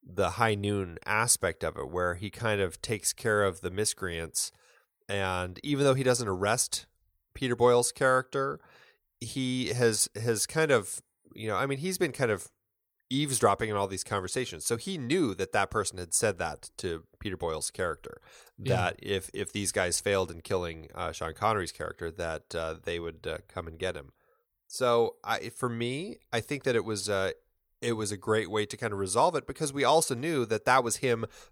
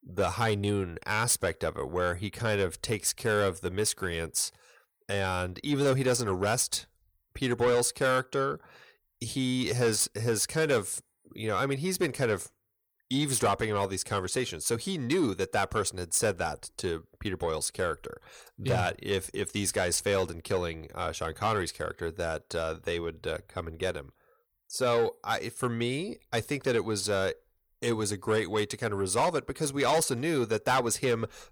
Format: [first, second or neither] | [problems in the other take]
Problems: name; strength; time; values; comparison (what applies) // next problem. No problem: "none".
first | distortion; slight; 10 dB below the speech